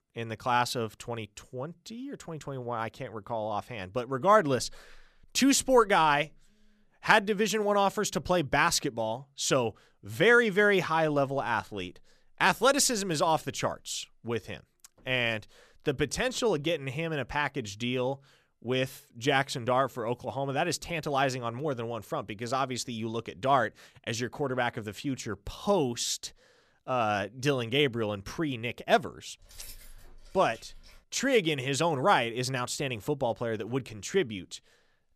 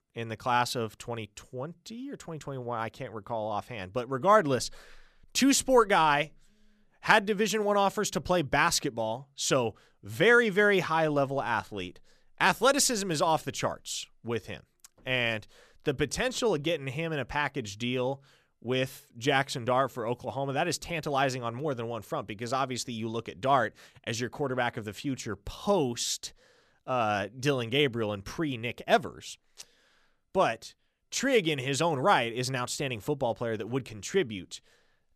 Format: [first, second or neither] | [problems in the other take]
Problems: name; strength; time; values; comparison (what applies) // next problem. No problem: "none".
second | jangling keys; faint; from 29 to 31 s; peak 20 dB below the speech